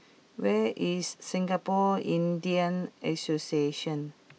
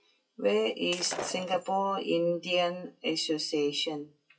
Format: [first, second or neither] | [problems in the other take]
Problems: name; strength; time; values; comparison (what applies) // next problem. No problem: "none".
first | noise reduction (classical method WPE with log-MMSE)